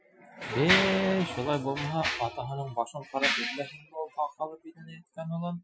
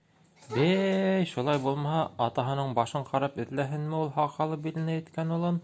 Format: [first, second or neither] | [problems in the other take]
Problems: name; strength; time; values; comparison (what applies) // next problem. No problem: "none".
second | noise reduction (classical method Wiener filter)